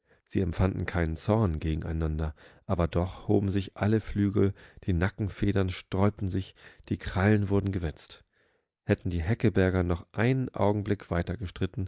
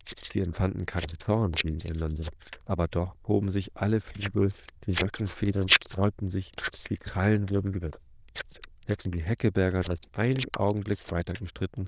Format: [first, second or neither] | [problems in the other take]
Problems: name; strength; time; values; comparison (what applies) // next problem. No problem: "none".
first | noise reduction (neural diffusion model UNIVERSE++)